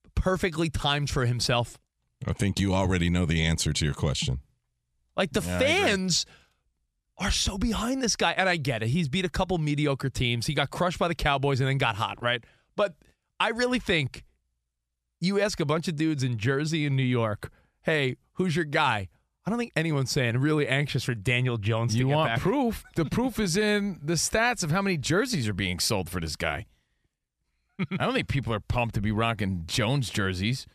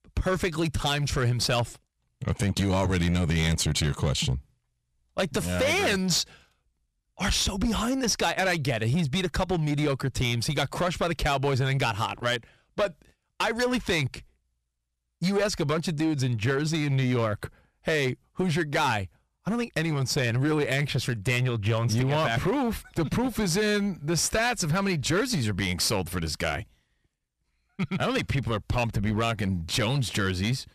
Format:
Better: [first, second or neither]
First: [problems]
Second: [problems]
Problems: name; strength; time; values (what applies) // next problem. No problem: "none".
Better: first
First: none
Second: distortion; slight; 9% of the sound clipped